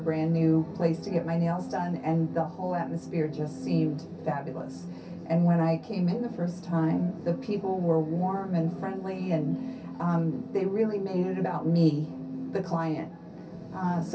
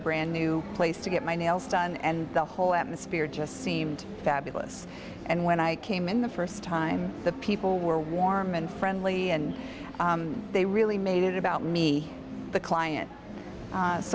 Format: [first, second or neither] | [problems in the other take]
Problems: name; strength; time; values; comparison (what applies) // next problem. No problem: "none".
second | room echo; dies away in 0.3 s